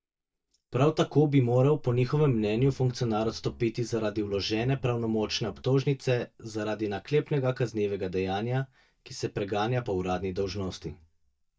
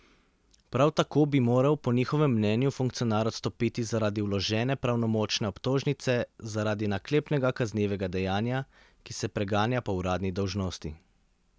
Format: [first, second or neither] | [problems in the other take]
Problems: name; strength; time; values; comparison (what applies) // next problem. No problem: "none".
second | noise reduction (neural mask model DeepFilterNet 3)